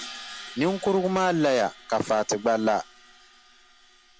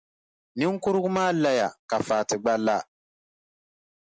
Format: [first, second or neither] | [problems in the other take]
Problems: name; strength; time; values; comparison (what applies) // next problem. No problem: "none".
second | background sound (Crash cymbal); 18 dB below the speech